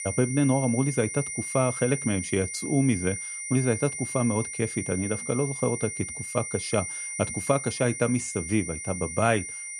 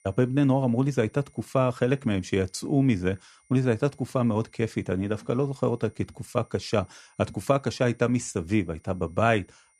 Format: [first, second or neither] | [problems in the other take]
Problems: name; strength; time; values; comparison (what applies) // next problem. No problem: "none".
second | high-pitched whine; loud; throughout; 2 kHz, 5 dB below the speech; faint in the second